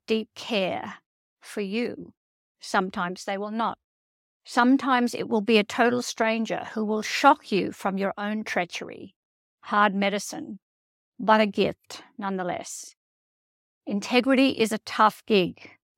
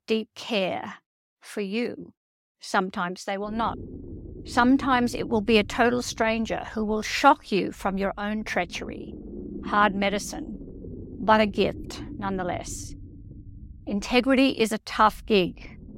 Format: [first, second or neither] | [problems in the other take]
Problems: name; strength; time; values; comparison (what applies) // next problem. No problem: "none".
first | low rumble; faint; from 3.5 s on; 20 dB below the speech